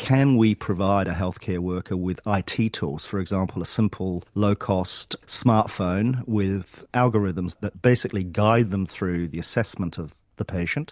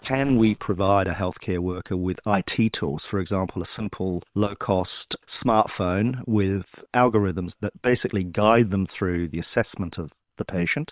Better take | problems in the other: first | noise reduction (neural separator model SepFormer WHAM!)

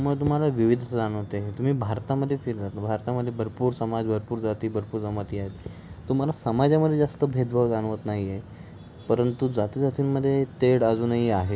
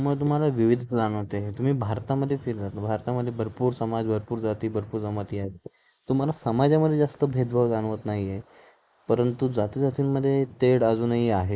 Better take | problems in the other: first | noise reduction (neural mask model Resemble Enhance denoiser)

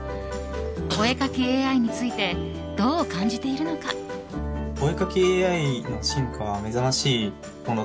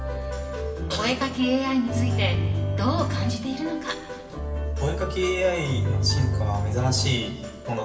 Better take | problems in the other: first | background sound (Bowed string instrument); as loud as the speech // room echo; dies away in 1 s

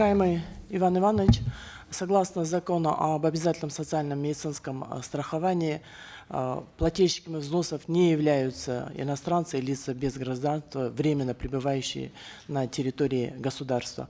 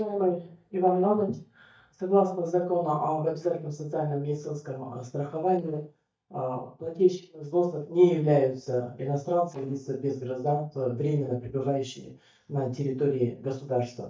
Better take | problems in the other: first | noise reduction (neural mask model DeepFilterNet 3)

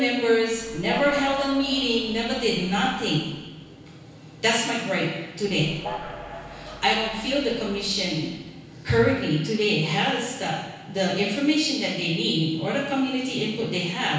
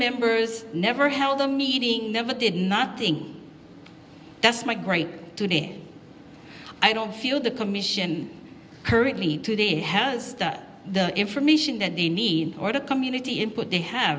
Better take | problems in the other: second | background sound (Train); 15 dB below the speech // room echo; dies away in 1.1 s

